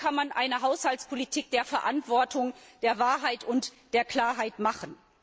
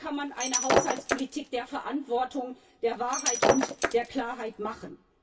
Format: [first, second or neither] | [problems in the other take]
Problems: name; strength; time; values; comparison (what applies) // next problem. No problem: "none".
first | background sound (Shatter); 2 dB above the speech // room echo; dies away in 0.1 s